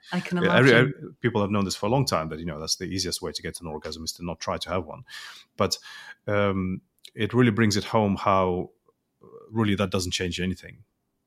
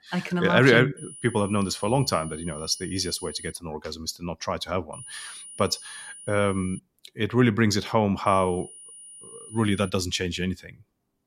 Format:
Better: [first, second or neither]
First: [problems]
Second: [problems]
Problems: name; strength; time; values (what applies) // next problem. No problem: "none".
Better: first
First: none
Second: high-pitched whine; noticeable; from 1 to 3.5 s, from 5 to 7 s and from 8.5 to 10 s; 9.5 kHz, 15 dB below the speech